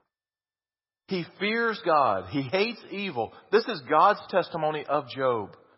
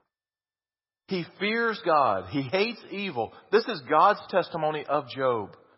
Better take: neither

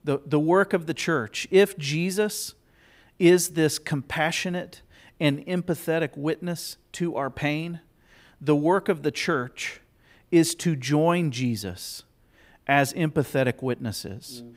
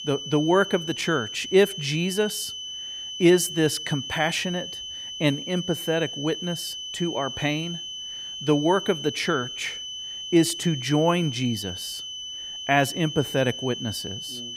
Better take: first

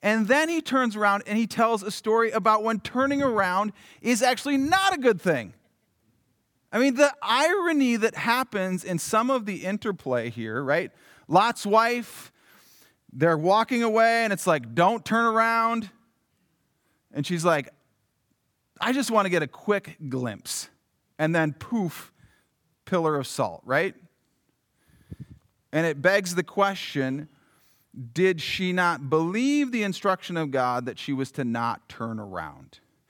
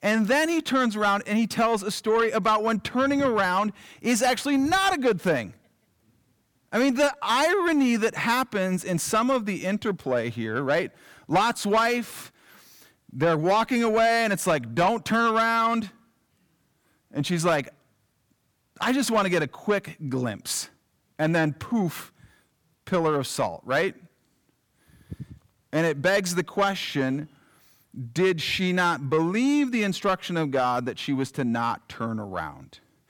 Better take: first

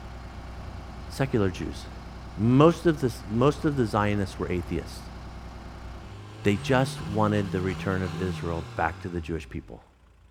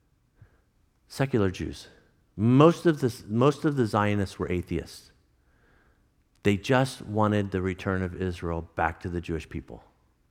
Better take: second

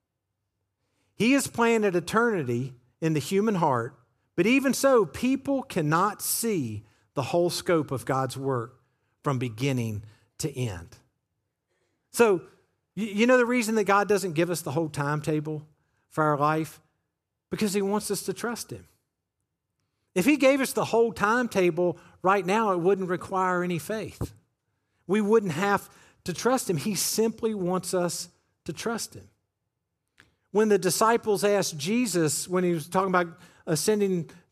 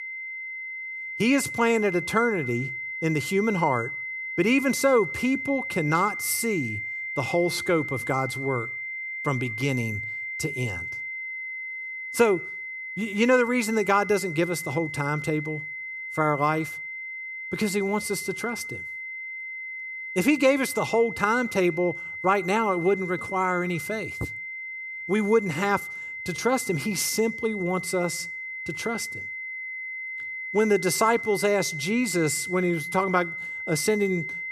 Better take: first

